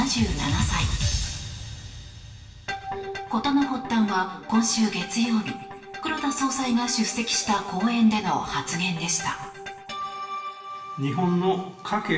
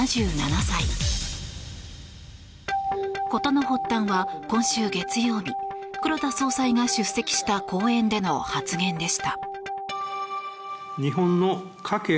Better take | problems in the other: second | room echo; dies away in 0.9 s

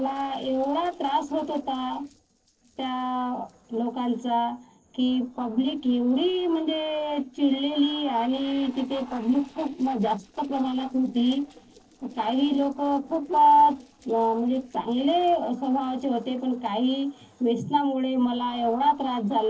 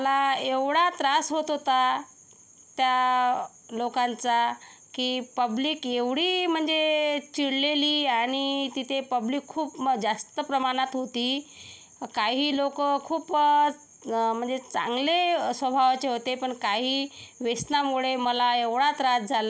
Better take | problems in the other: second | noise reduction (neural separator model SepFormer DNS4)

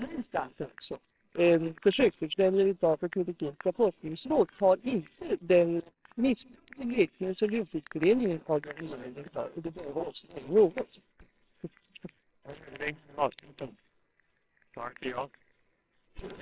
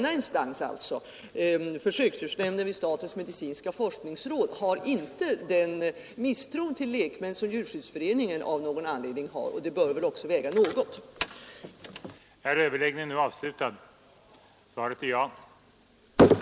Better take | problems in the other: second | noise reduction (neural separator model SepFormer WHAMR!)

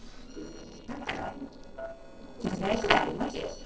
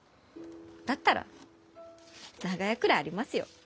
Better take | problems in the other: second | noise reduction (neural separator model SepFormer DNS4)

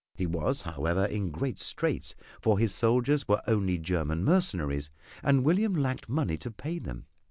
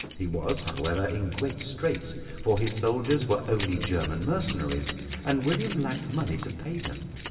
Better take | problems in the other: first | background sound (Keys jangling); 12 dB below the speech // room echo; dies away in 2.4 s

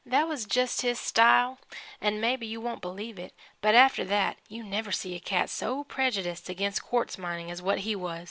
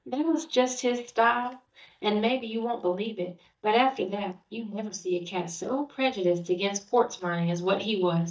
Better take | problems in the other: first | noise reduction (neural mask model DeepFilterNet 3)

